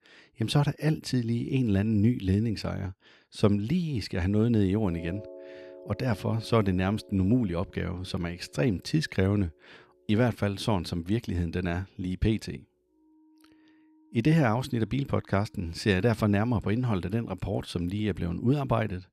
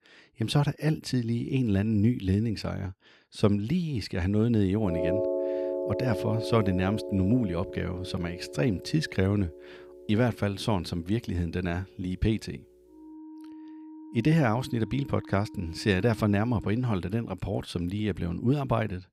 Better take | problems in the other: first | background music; loud; from 5 s on; 8 dB below the speech; faint in the first

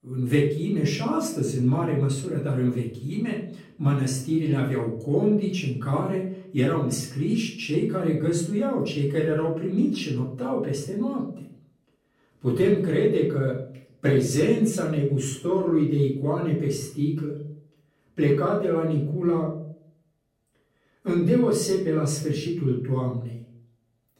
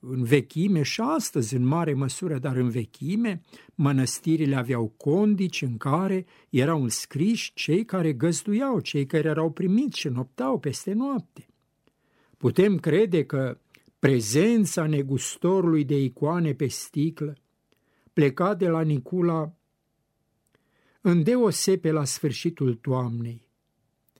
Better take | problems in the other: second | off-mic speech; far // room echo; noticeable; dies away in 0.5 s

